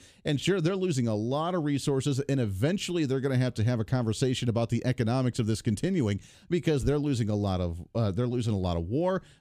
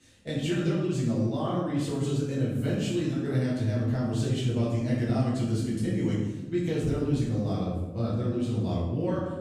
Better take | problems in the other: first | off-mic speech; far // room echo; noticeable; dies away in 1 s

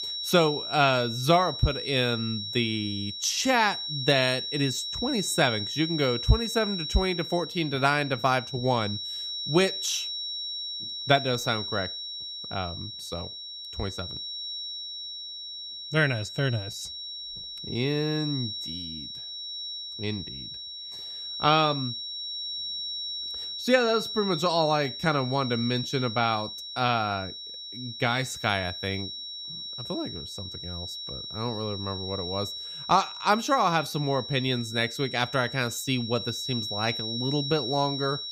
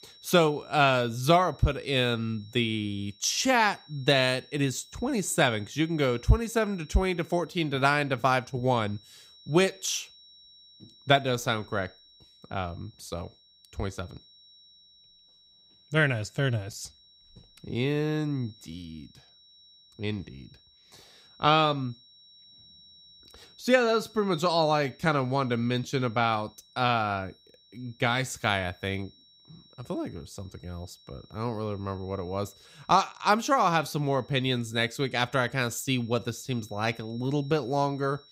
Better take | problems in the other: second | high-pitched whine; loud; throughout; 4 kHz, 6 dB below the speech; faint in the second

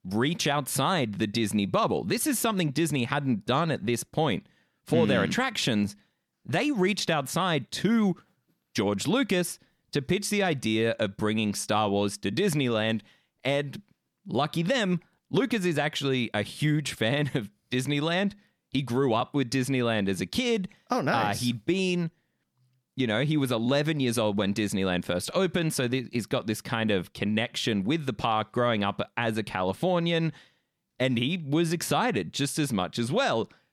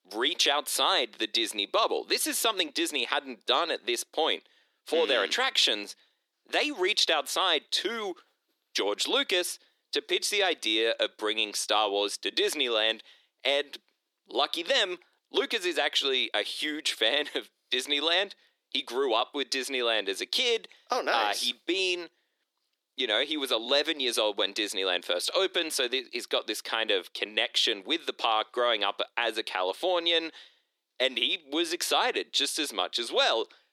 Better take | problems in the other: first | thin; very; fading below 350 Hz

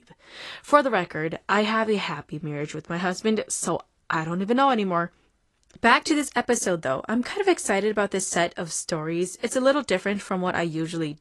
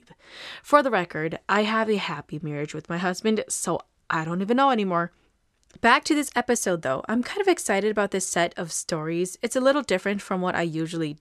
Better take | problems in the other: second | garbled, watery; slightly; nothing above 11 kHz

